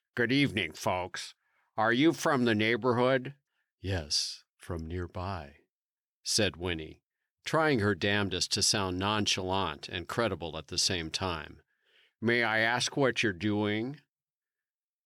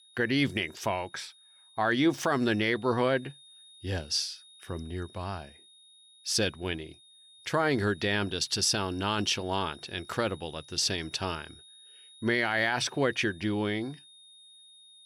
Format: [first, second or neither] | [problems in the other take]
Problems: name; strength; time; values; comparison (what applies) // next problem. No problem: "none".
first | high-pitched whine; faint; throughout; 3.5 kHz, 25 dB below the speech